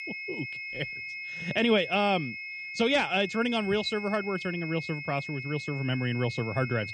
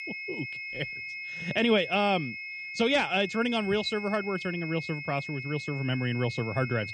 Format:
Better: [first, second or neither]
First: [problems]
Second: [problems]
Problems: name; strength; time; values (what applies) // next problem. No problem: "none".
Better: neither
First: high-pitched whine; loud; throughout; 2 kHz, 8 dB below the speech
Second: high-pitched whine; loud; throughout; 2 kHz, 8 dB below the speech